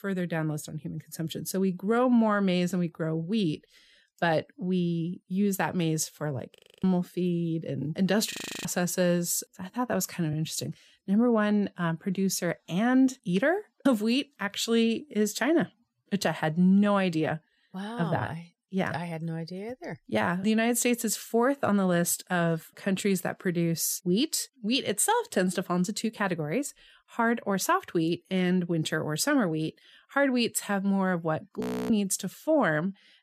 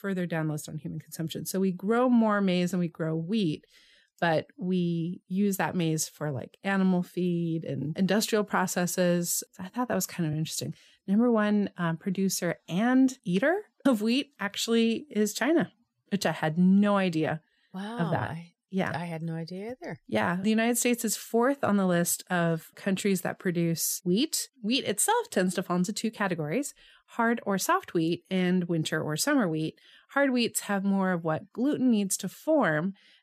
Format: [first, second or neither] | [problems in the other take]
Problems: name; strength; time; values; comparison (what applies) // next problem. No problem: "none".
second | audio freezing; at 6.5 s, at 8.5 s and at 32 s